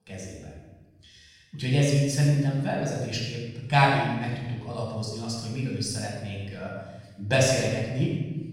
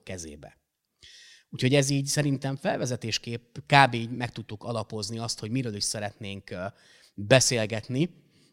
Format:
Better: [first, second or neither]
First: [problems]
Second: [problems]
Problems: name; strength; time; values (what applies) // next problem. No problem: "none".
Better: second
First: off-mic speech; far // room echo; strong; dies away in 1.3 s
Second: none